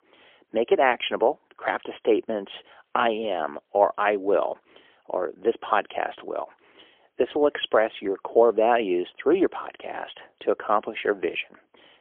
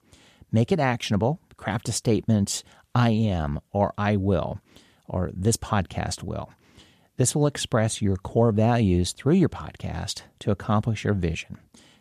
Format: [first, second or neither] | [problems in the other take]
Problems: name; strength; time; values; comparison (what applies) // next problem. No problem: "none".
second | phone-call audio; poor line; nothing above 3.5 kHz